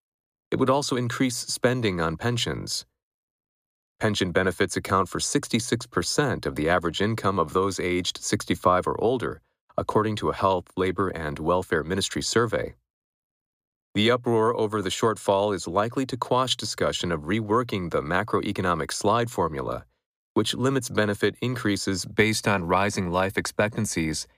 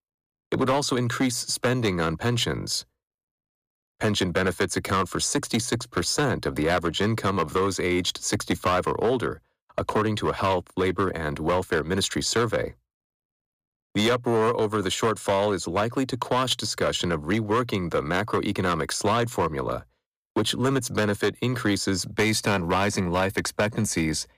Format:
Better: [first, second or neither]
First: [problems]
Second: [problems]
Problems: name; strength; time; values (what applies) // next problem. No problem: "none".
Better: first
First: none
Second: distortion; slight; 7% of the sound clipped